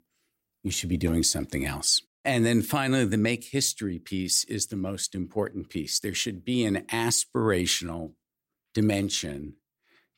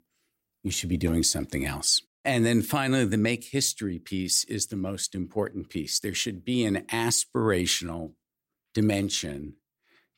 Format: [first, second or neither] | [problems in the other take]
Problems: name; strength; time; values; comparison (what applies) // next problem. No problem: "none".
neither | none